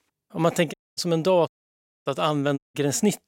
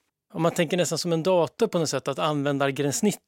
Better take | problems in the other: second | audio cutting out; at 0.5 s, at 1.5 s for 0.5 s and at 2.5 s

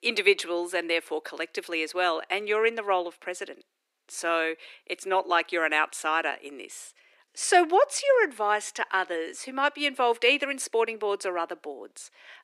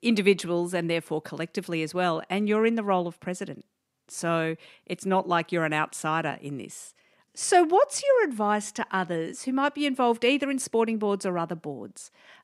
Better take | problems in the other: second | thin; very; fading below 350 Hz

